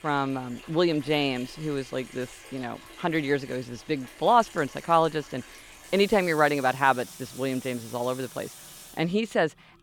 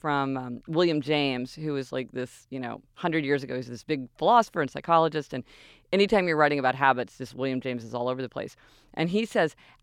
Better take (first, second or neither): second